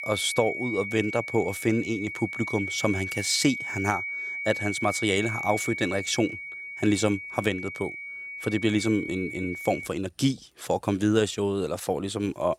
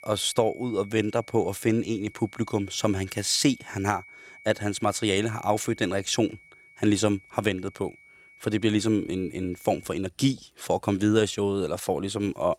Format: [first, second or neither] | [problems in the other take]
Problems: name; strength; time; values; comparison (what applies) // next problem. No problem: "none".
second | high-pitched whine; loud; until 10 s; 2 kHz, 5 dB below the speech; faint in the second